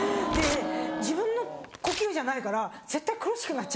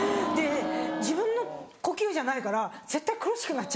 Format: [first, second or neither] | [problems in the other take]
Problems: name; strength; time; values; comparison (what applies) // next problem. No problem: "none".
second | background sound (Tearing); 10 dB below the speech